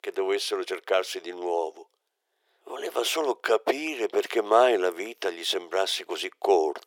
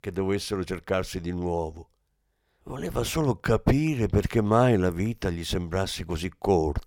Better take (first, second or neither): second